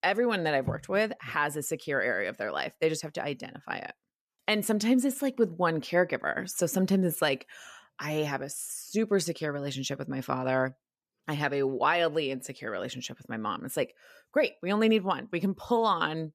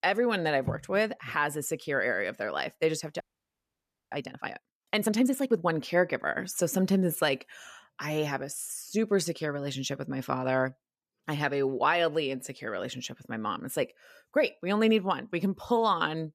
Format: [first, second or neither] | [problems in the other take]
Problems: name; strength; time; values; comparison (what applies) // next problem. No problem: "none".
first | audio freezing; at 3 s for 1 s